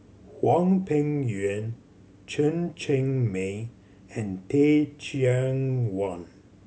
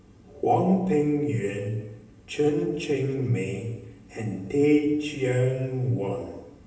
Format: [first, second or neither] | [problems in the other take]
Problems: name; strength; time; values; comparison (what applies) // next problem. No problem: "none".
first | room echo; dies away in 1 s